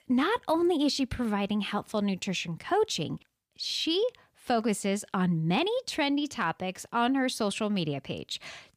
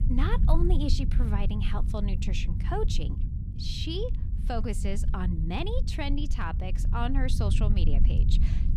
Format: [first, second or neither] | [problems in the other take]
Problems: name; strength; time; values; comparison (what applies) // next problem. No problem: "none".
first | low rumble; loud; throughout; 9 dB below the speech